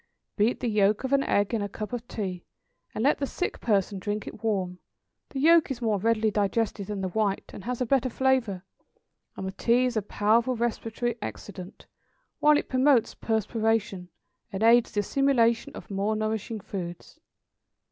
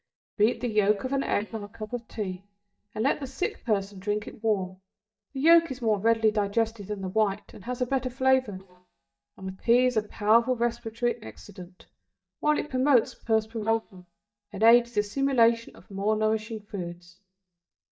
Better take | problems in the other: first | noise reduction (neural mask model DeepFilterNet 3)

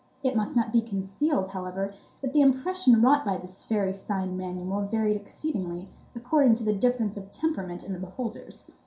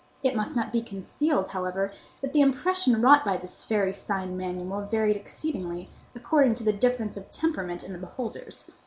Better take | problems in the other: second | room echo; dies away in 0.3 s

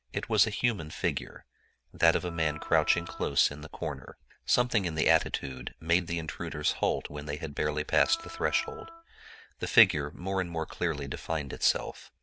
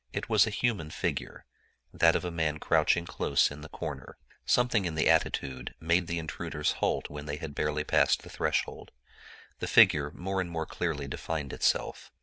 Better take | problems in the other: second | background sound (Wind instrument, woodwind instrument); 16 dB below the speech

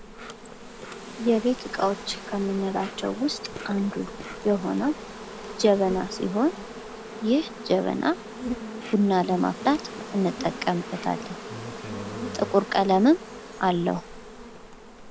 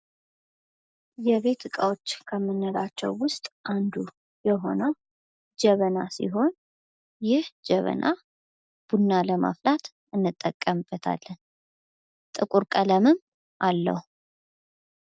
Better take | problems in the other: second | background sound (Insect); 11 dB below the speech

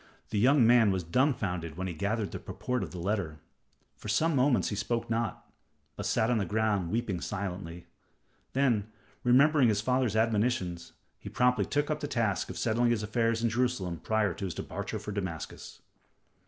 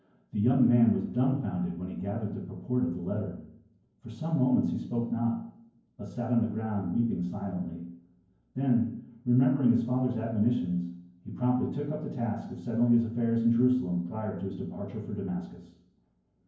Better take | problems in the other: first | room echo; dies away in 0.9 s

